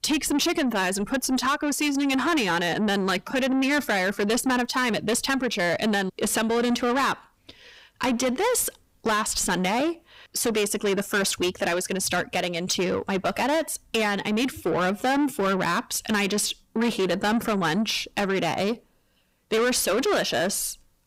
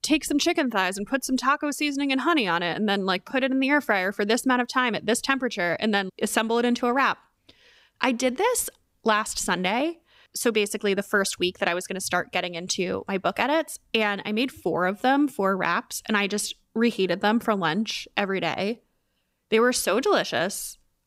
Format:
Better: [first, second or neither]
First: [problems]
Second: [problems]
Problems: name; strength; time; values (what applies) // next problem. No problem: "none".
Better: second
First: distortion; heavy; 7 dB below the speech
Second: none